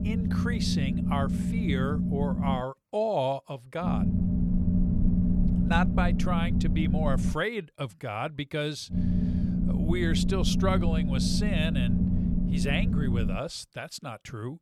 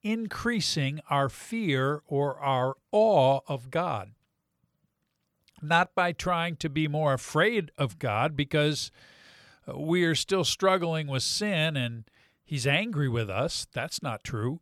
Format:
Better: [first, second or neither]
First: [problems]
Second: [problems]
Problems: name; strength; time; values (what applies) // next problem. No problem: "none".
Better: second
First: low rumble; loud; until 2.5 s, from 4 to 7.5 s and from 9 to 13 s; 4 dB below the speech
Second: none